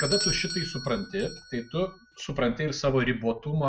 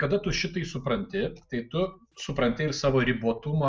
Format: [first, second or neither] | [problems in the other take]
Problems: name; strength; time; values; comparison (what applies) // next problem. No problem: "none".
second | background sound (Bell / Doorbell); 8 dB below the speech